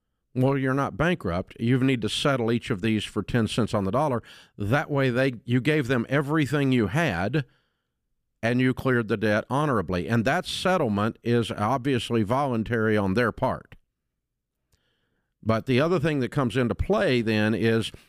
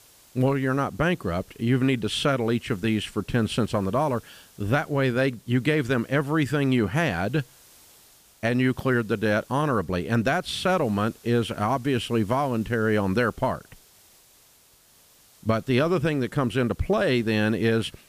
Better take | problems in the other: first | hiss; faint; throughout; 30 dB below the speech

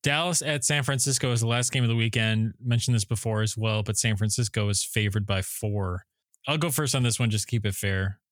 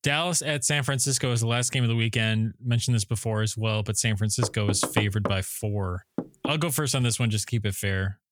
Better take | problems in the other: first | door banging; noticeable; from 4.5 to 7.5 s; peak 4 dB below the speech

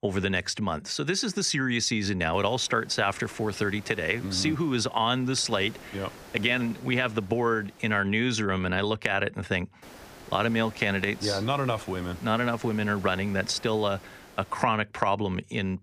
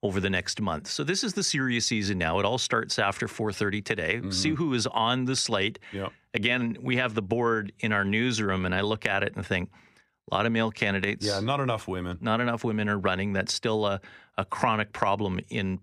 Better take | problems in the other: second | hiss; faint; from 2.5 to 8 s and from 10 to 15 s; 20 dB below the speech

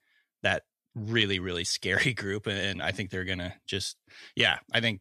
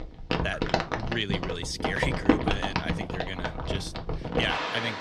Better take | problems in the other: first | household noises; very loud; throughout; 3 dB above the speech

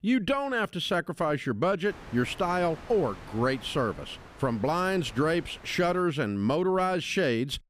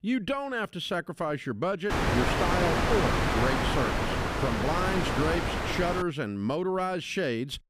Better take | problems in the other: first | wind noise on the microphone; heavy; from 2 to 6 s; 2 dB above the speech; occasional gusts in the first

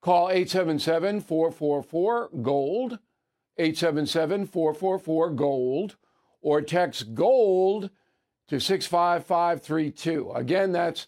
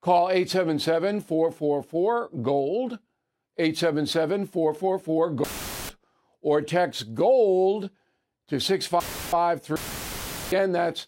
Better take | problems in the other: first | audio cutting out; filled with static; at 5.5 s, at 9 s and at 10 s for 1 s

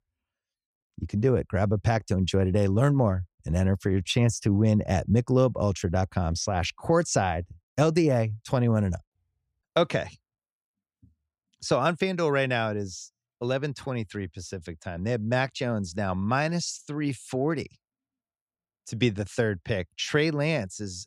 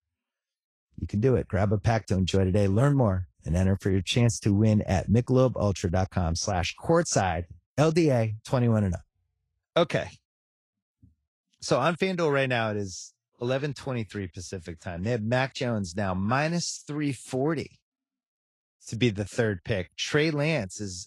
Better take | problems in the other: first | garbled, watery; slightly

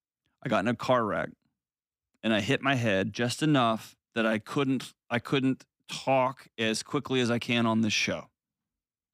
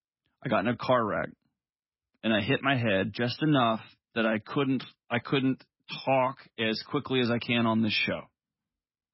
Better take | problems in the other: first | garbled, watery; badly; nothing above 5.5 kHz

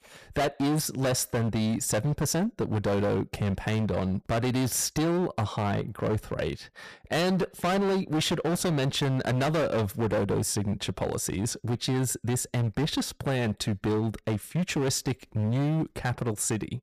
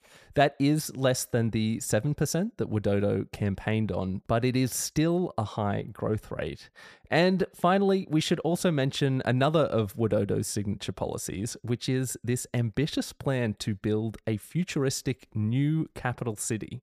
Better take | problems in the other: second | distortion; heavy; 21% of the sound clipped

